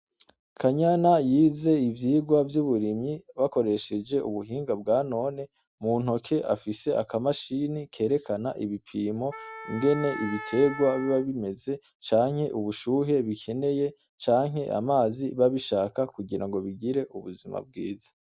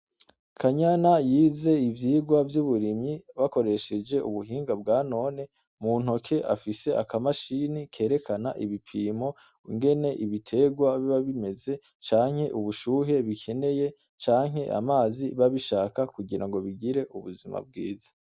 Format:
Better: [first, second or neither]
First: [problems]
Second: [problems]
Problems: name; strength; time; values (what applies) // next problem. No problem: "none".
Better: second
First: background sound (Wind instrument, woodwind instrument); 12 dB below the speech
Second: none